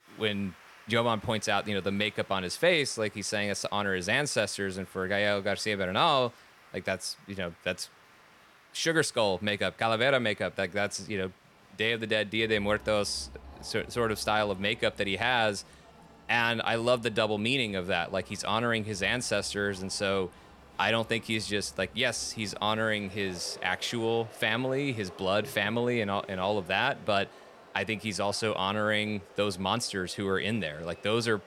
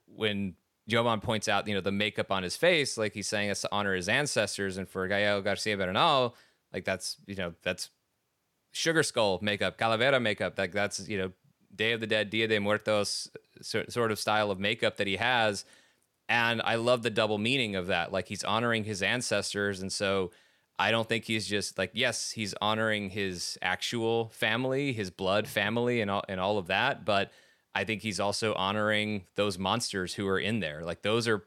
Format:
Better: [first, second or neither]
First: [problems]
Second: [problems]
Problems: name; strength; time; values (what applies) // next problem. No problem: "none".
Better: second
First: crowd noise; faint; throughout; 25 dB below the speech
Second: none